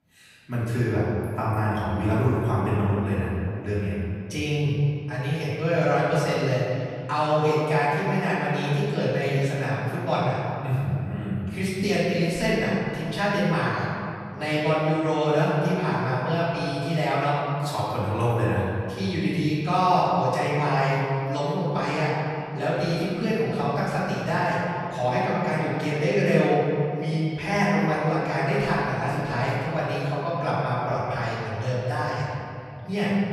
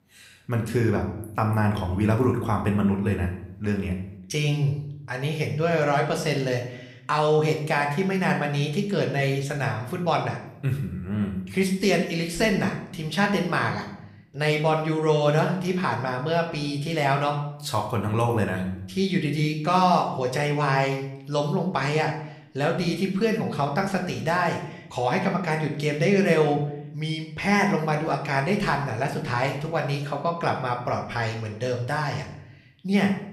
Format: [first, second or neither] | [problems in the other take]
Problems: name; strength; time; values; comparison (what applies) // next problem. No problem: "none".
second | room echo; strong; dies away in 2.5 s; slight in the second // off-mic speech; far; somewhat distant in the second